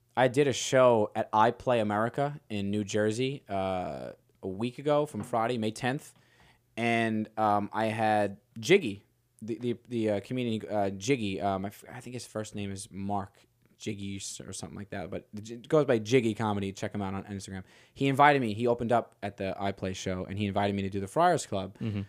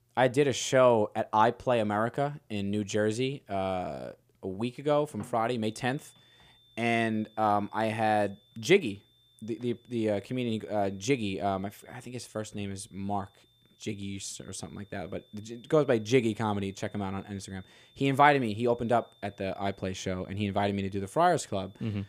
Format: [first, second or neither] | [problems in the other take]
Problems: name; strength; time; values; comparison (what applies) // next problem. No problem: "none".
first | high-pitched whine; faint; from 5.5 s on; 3.5 kHz, 30 dB below the speech